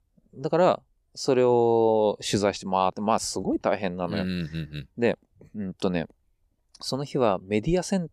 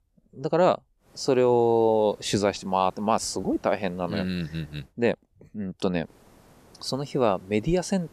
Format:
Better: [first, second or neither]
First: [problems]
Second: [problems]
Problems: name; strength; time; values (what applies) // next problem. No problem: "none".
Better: first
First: none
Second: hiss; faint; from 1 to 5 s and from 6 s on; 30 dB below the speech